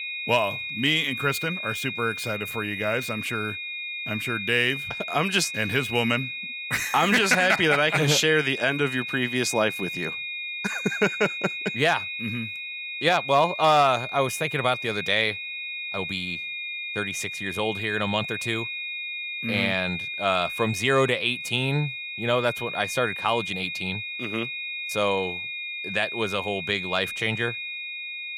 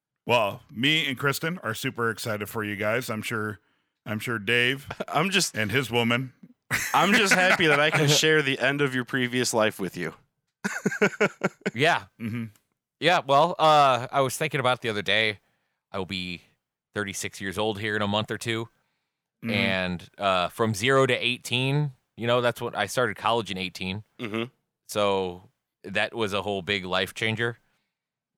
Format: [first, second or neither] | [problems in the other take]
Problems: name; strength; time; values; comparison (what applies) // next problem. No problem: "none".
second | high-pitched whine; loud; throughout; 2.5 kHz, 6 dB below the speech